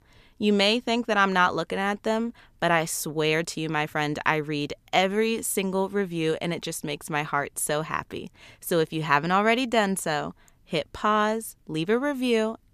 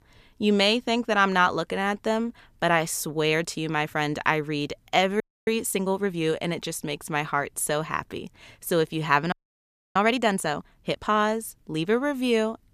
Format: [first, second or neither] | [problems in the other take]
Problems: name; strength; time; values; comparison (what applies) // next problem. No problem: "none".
first | audio freezing; at 5 s and at 9.5 s for 0.5 s